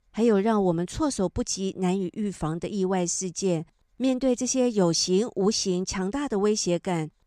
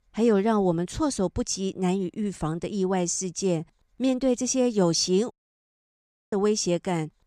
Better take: first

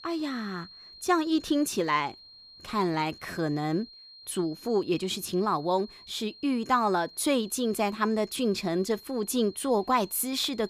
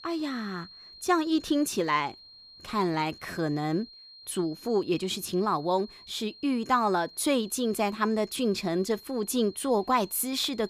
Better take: neither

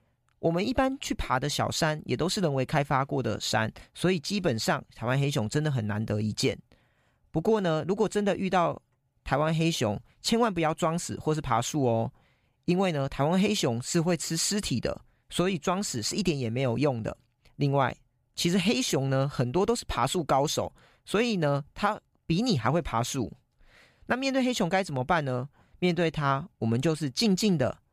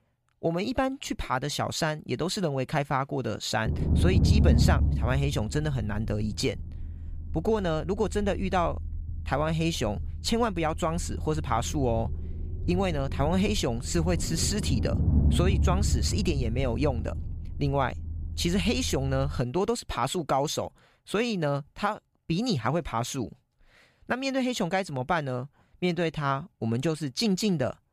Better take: first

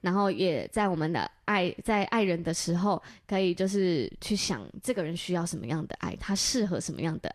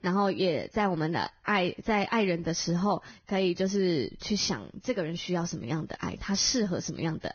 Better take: first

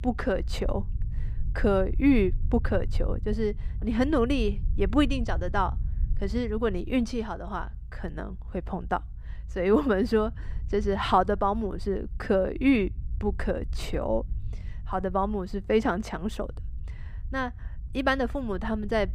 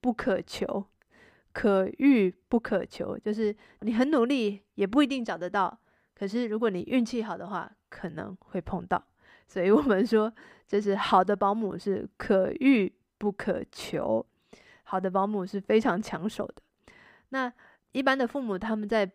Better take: second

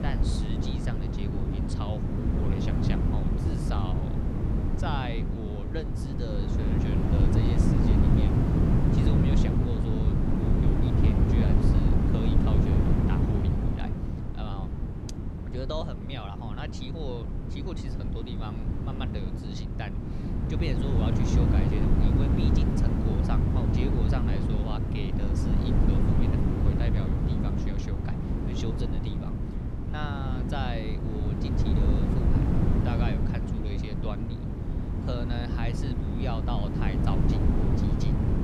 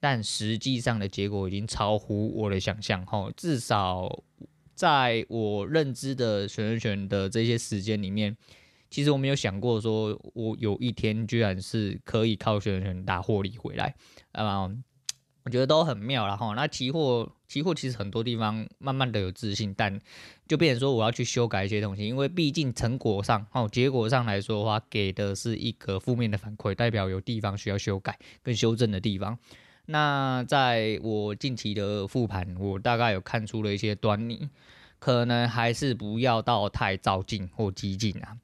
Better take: second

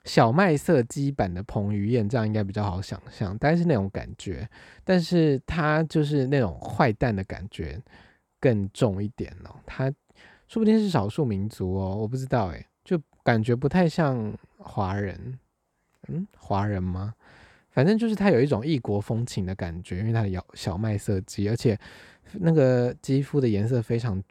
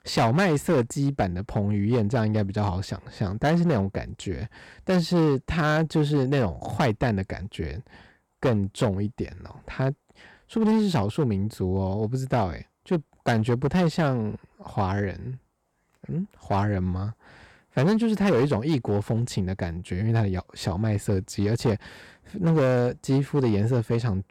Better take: first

